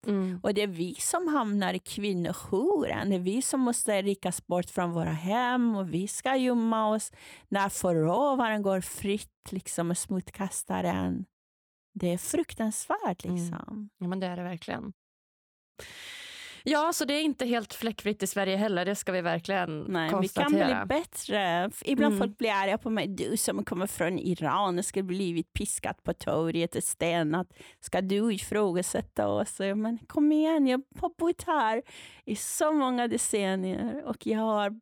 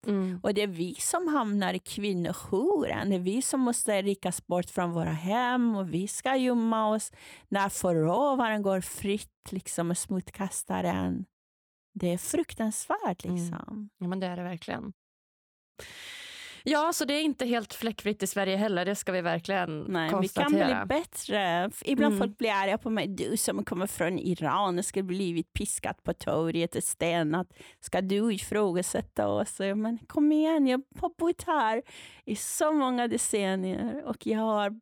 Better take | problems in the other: neither | none

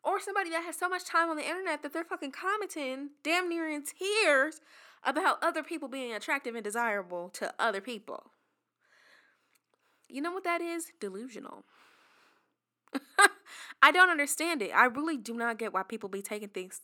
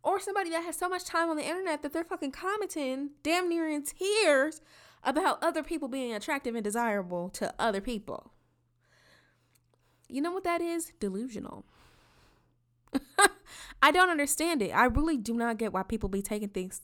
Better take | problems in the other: second | thin; very slightly; fading below 250 Hz

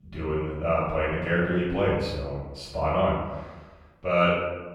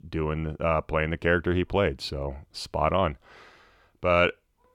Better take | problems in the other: second | off-mic speech; far // room echo; noticeable; dies away in 1 s

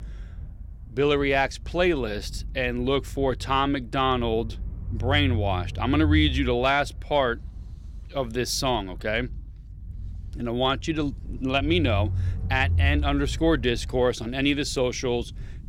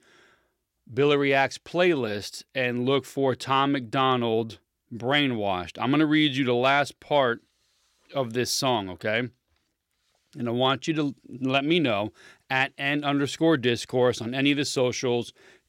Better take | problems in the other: second | low rumble; faint; throughout; 25 dB below the speech

